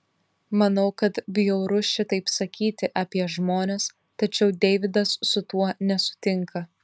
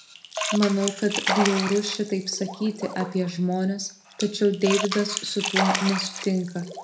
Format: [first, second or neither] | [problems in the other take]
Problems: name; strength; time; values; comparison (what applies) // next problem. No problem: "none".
first | background sound (Splash, splatter); 5 dB below the speech // room echo; dies away in 0.3 s